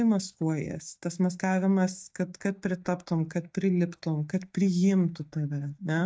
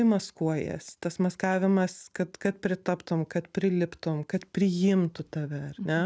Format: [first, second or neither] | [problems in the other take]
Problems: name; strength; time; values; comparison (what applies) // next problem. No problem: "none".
second | noise reduction (neural mask model DeepFilterNet 3)